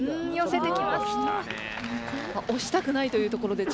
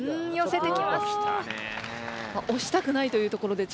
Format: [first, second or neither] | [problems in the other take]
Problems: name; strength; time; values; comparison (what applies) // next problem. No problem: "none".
second | background sound (Sneeze); 8 dB below the speech